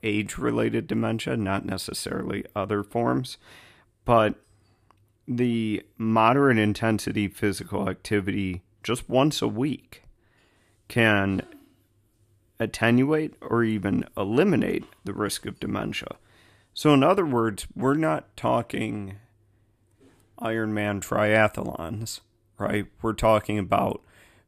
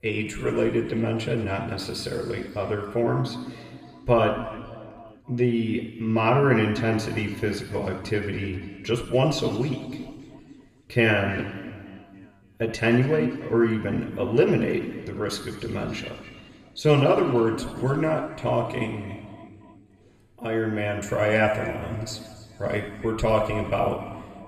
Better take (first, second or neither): first